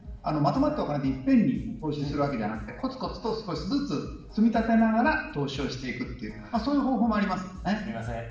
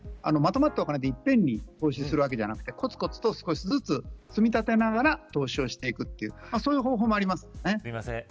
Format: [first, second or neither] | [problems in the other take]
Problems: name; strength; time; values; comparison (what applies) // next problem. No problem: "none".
second | room echo; dies away in 0.7 s